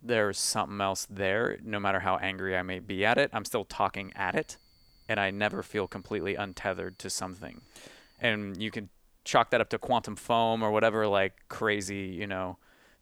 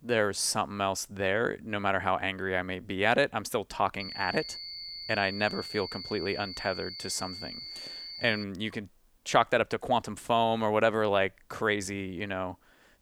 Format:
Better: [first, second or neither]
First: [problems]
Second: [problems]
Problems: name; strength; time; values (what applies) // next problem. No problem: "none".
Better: first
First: high-pitched whine; faint; from 4 to 8.5 s; 4.5 kHz, 35 dB below the speech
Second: high-pitched whine; loud; from 4 to 8.5 s; 4.5 kHz, 9 dB below the speech